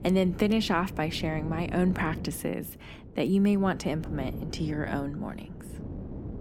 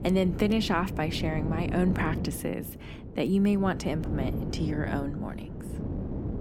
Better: first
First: wind noise on the microphone; occasional gusts; 15 dB below the speech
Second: wind noise on the microphone; heavy; 9 dB below the speech

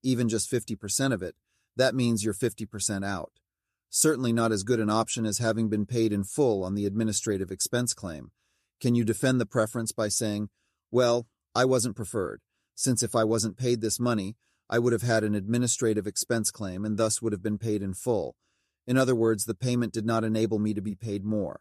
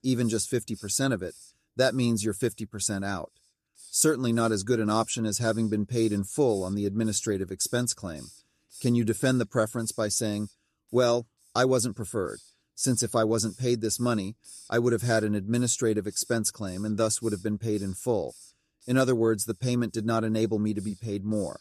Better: first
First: none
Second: hiss; faint; throughout; 25 dB below the speech

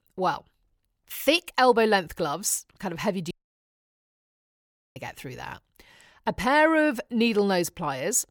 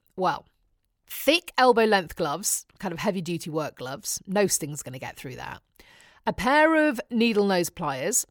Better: second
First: audio cutting out; at 3.5 s for 1.5 s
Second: none

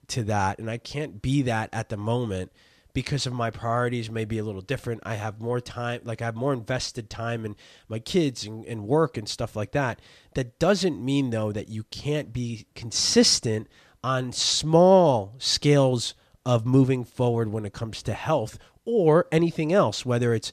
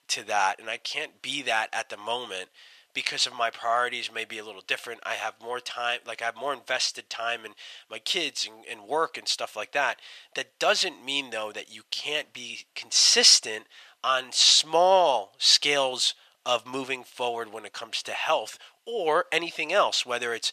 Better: first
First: none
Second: thin; very; fading below 800 Hz

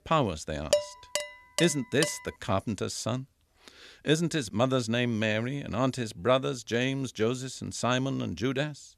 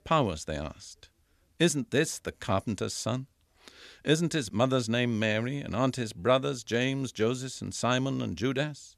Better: second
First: clattering dishes; loud; from 0.5 to 2 s; peak 1 dB above the speech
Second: none

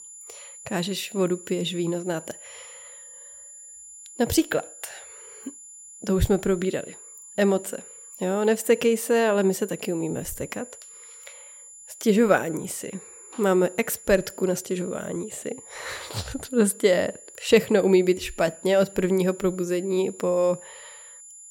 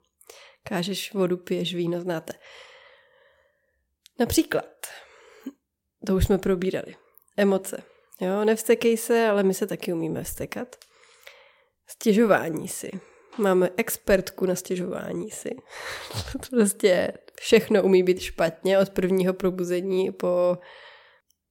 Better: second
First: high-pitched whine; noticeable; throughout; 7 kHz, 20 dB below the speech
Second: none

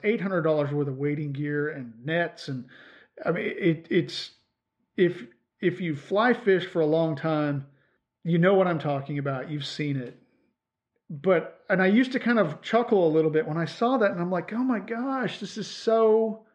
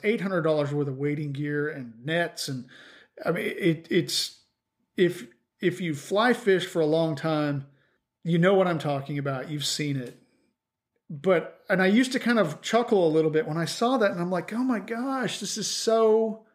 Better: second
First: muffled; slightly; fading above 3 kHz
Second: none

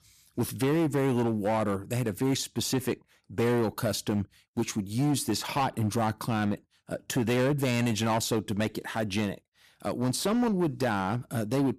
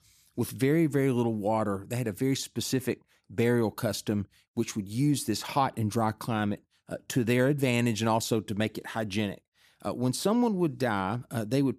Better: second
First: distortion; slight; 11% of the sound clipped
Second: none

